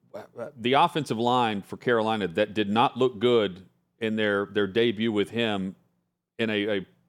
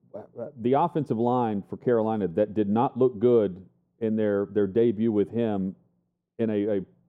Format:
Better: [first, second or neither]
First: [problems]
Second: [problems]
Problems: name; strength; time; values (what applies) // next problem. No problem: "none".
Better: first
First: none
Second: muffled; very; fading above 1 kHz